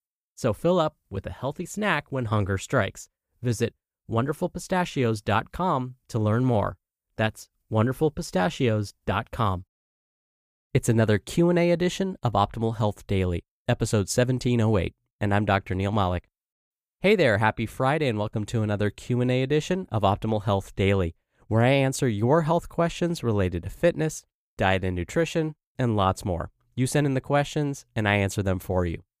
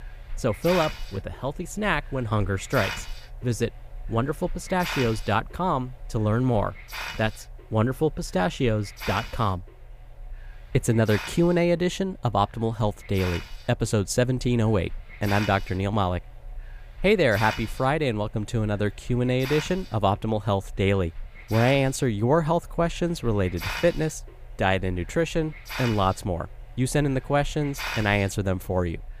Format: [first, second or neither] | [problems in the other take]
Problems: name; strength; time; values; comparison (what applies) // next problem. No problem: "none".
first | hiss; noticeable; throughout; 15 dB below the speech